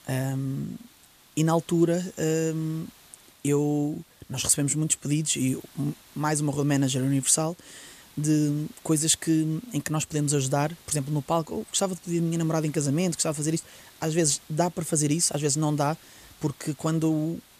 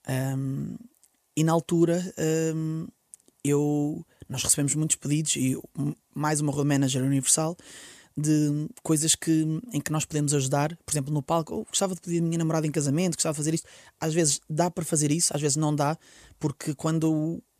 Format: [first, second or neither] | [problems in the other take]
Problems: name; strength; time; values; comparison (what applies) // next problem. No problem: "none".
second | hiss; faint; throughout; 25 dB below the speech